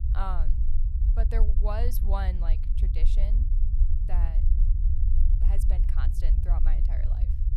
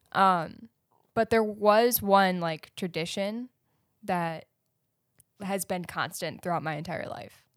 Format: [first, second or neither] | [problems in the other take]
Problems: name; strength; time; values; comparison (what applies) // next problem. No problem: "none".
second | low rumble; loud; throughout; 7 dB below the speech